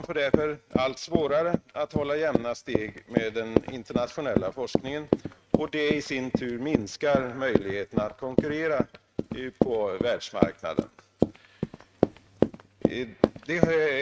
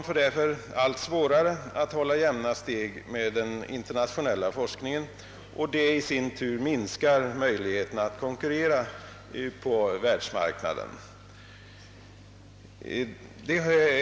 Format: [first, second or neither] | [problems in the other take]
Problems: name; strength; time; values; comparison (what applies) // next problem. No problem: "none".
second | noise reduction (neural mask model RNNoise)